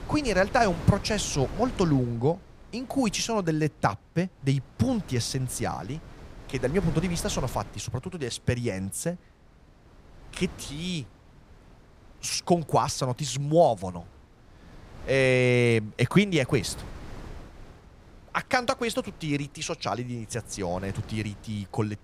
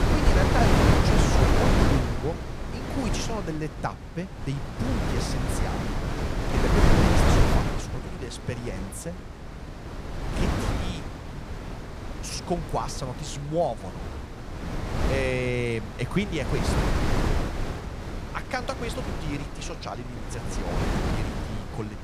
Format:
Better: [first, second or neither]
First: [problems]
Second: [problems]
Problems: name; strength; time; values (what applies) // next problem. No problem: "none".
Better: first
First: wind noise on the microphone; occasional gusts; 20 dB below the speech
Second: wind noise on the microphone; heavy; 2 dB above the speech